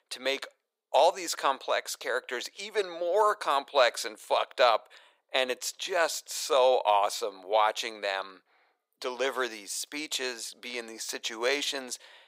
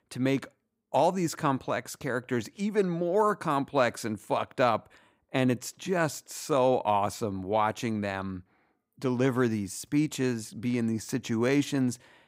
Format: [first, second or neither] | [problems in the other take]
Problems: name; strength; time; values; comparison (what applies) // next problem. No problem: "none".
second | thin; very; fading below 500 Hz